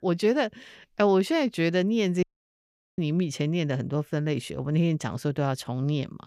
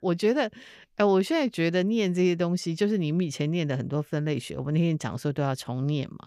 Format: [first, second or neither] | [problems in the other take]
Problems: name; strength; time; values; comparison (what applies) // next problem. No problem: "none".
second | audio cutting out; at 2 s for 1 s